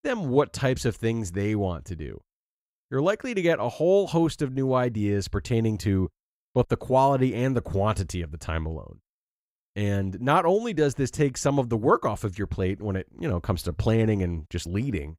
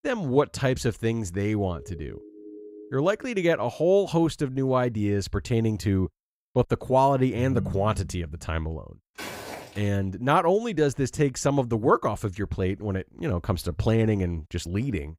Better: first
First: none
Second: siren; faint; from 1.5 to 3 s; peak 15 dB below the speech // phone ringing; noticeable; at 7.5 s; peak 6 dB below the speech // footsteps; faint; at 9 s; peak 10 dB below the speech

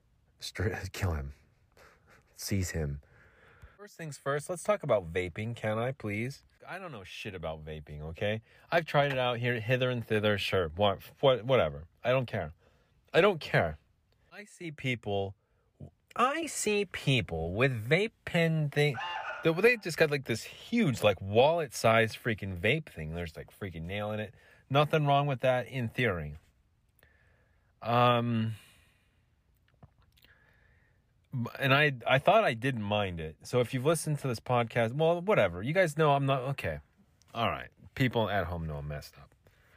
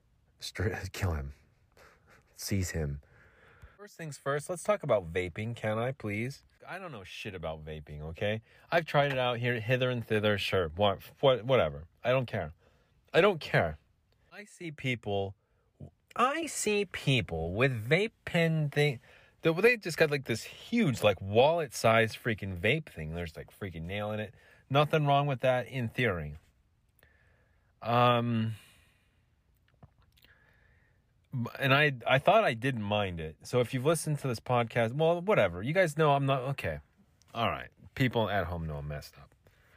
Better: second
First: alarm; noticeable; at 19 s; peak 6 dB below the speech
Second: none

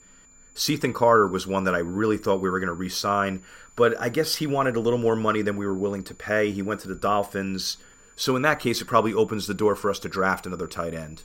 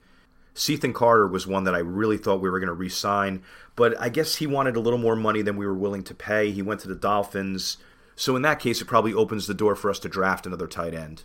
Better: second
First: high-pitched whine; faint; throughout; 7 kHz, 30 dB below the speech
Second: none

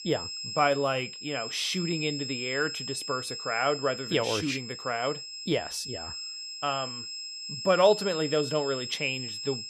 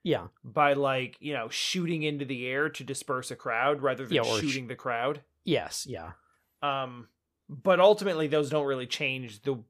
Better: second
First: high-pitched whine; loud; throughout; 5 kHz, 6 dB below the speech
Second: none

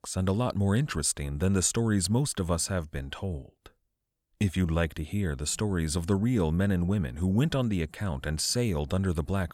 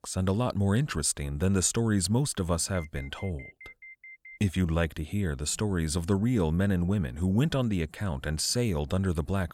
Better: first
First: none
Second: alarm; faint; from 2.5 to 4.5 s; peak 20 dB below the speech

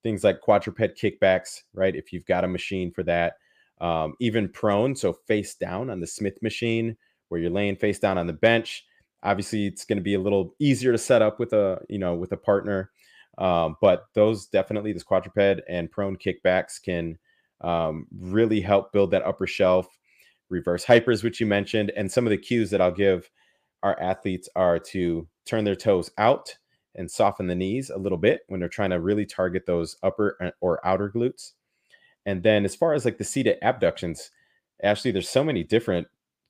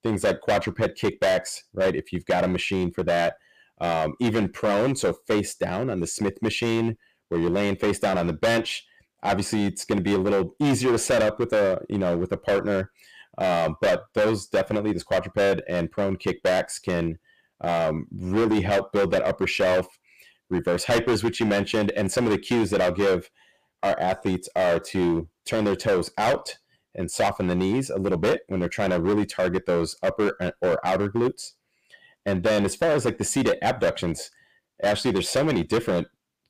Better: first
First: none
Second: distortion; heavy; 13% of the sound clipped

